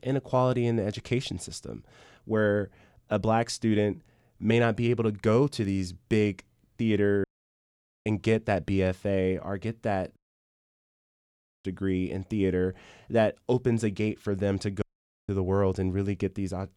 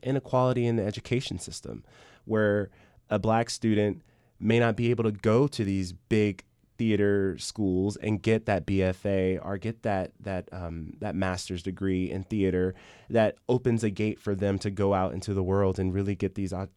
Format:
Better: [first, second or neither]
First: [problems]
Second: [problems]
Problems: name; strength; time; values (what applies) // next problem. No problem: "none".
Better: second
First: audio cutting out; at 7 s for 1 s, at 10 s for 1.5 s and at 15 s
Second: none